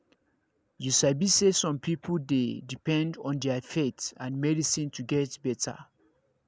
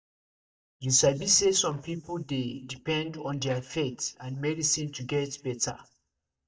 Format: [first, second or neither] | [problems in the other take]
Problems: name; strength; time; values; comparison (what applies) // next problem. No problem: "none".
first | noise reduction (neural mask model DeepFilterNet 3)